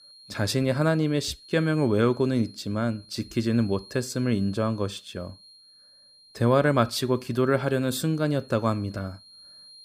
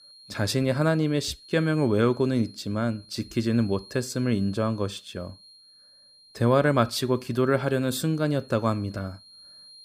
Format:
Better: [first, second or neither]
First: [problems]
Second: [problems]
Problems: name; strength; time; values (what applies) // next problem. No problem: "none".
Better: neither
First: high-pitched whine; faint; throughout; 4.5 kHz, 25 dB below the speech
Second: high-pitched whine; faint; throughout; 4.5 kHz, 25 dB below the speech